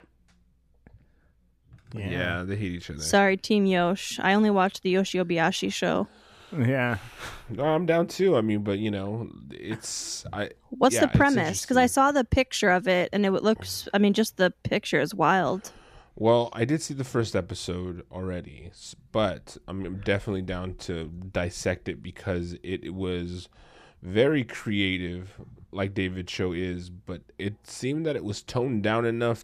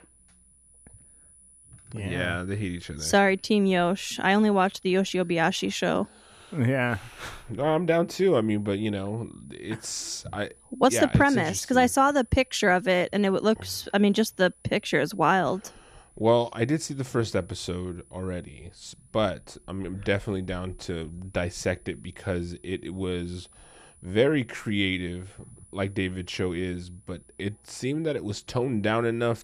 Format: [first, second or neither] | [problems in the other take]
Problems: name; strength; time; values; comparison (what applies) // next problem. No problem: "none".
first | high-pitched whine; faint; throughout; 10 kHz, 30 dB below the speech